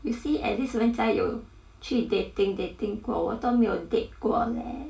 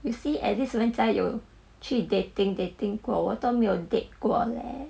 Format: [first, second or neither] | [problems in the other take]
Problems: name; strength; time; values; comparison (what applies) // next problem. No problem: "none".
second | room echo; dies away in 0.2 s